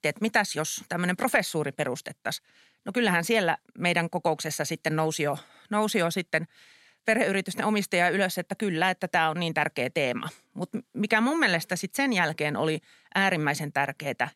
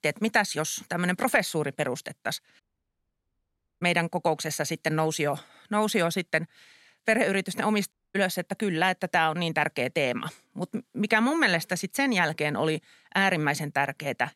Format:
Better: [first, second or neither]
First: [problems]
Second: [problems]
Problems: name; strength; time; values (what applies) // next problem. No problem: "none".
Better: first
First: none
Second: audio cutting out; at 2.5 s for 1 s and at 8 s